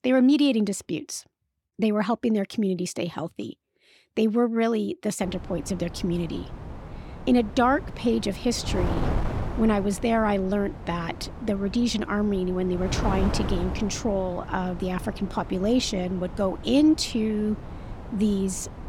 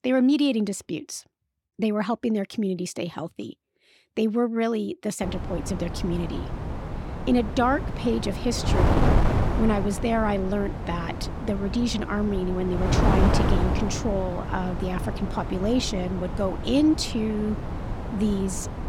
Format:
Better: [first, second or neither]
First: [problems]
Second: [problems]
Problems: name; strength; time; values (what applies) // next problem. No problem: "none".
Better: first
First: wind noise on the microphone; occasional gusts; from 5 s on; 10 dB below the speech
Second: wind noise on the microphone; heavy; from 5 s on; 4 dB below the speech